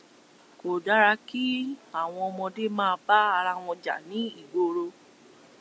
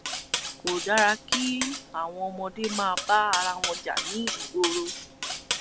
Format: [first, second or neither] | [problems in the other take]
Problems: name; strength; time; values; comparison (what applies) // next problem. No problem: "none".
first | background sound (Cutlery, silverware); 4 dB below the speech